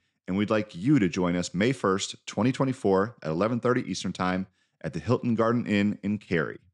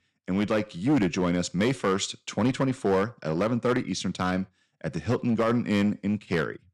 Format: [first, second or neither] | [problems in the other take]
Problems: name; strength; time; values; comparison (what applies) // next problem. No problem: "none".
first | distortion; slight; 6% of the sound clipped